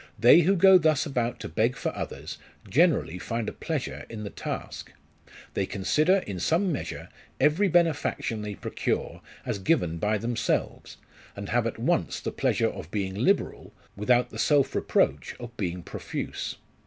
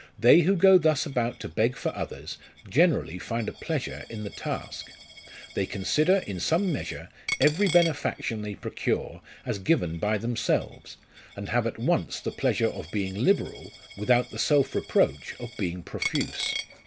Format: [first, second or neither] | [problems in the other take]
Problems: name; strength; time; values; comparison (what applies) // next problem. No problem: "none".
first | background sound (Coin (dropping)); 15 dB below the speech